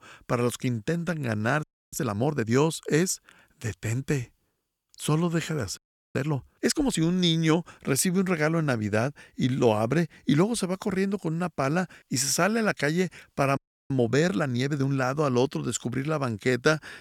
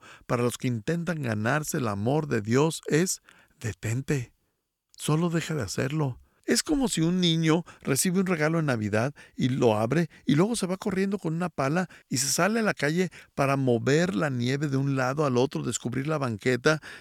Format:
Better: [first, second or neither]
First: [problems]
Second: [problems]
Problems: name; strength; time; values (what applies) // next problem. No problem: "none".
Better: second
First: audio freezing; at 1.5 s, at 6 s and at 14 s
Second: none